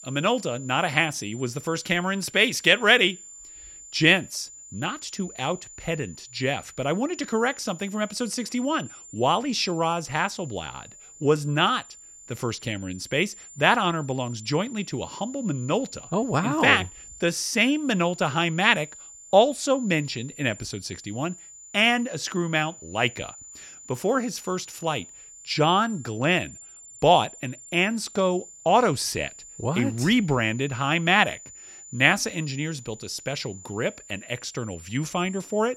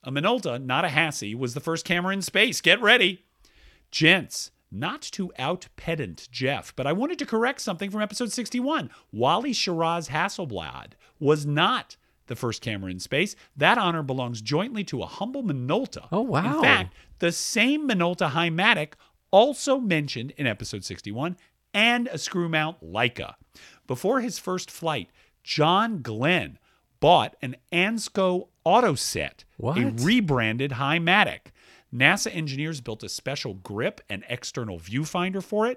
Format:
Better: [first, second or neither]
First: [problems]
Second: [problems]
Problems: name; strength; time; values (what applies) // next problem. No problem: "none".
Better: second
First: high-pitched whine; noticeable; throughout; 7 kHz, 20 dB below the speech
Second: none